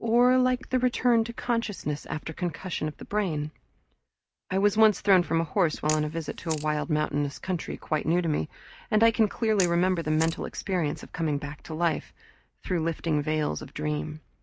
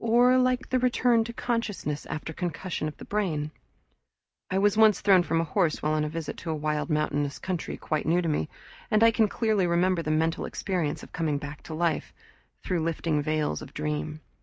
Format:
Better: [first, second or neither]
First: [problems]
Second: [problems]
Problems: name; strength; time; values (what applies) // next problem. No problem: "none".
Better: second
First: background sound (Camera); 15 dB below the speech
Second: none